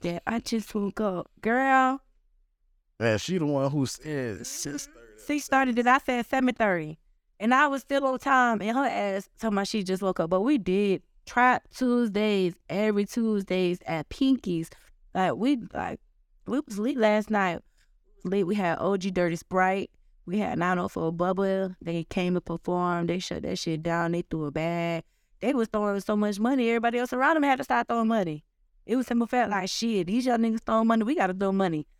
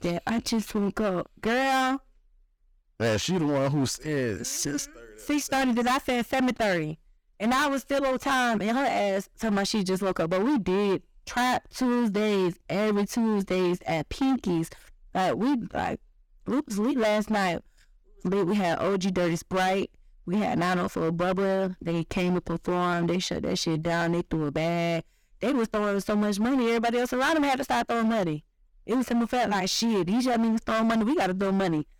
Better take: first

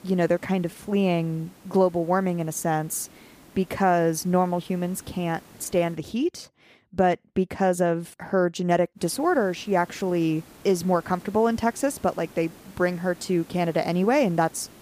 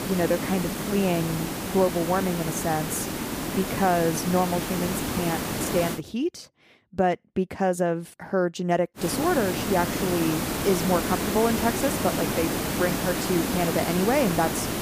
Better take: first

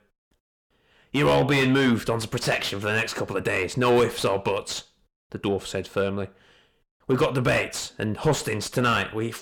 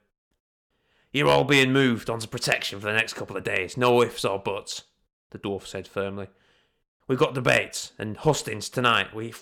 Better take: second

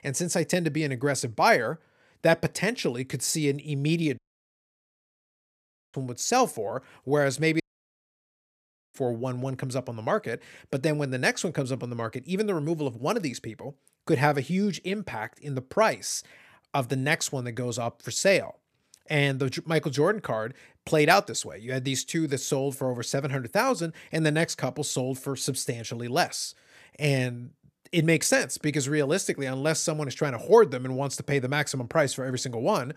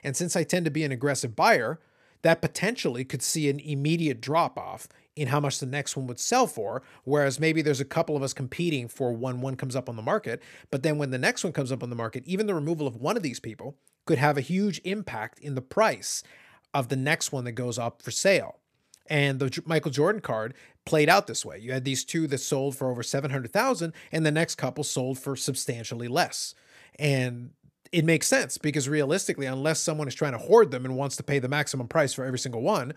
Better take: second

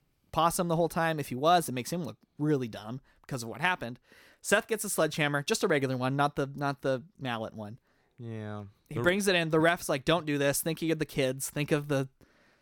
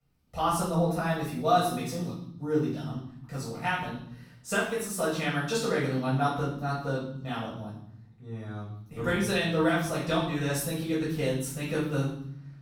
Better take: first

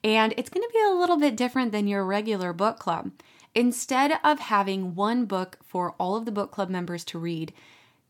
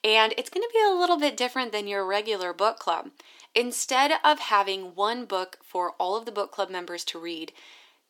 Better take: first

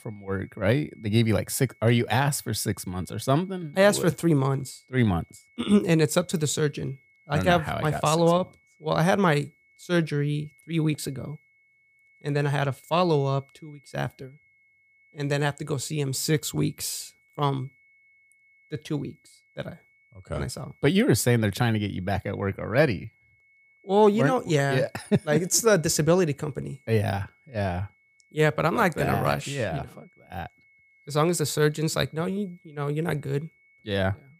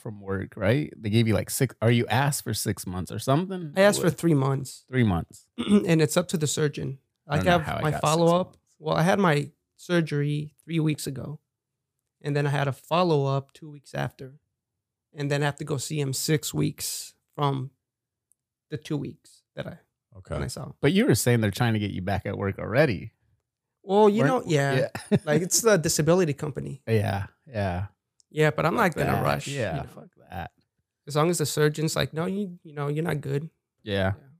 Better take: second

